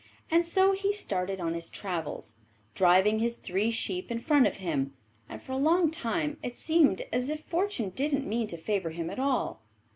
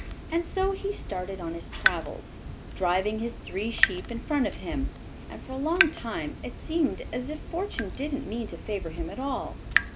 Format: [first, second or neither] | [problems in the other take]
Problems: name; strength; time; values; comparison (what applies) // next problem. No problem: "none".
first | background sound (Drip / Water tap, faucet); 2 dB below the speech